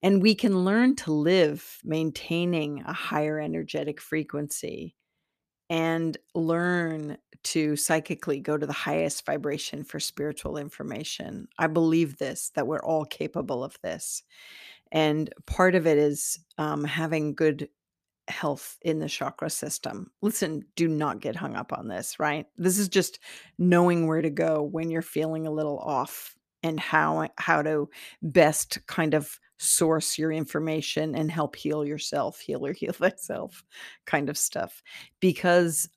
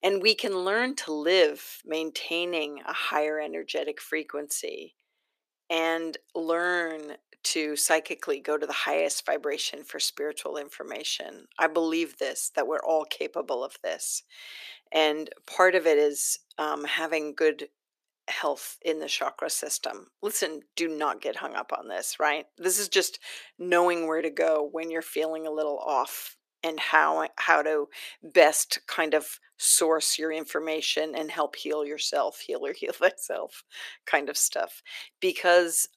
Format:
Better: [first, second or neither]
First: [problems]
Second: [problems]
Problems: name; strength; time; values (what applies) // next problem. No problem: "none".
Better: first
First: none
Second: thin; very; fading below 400 Hz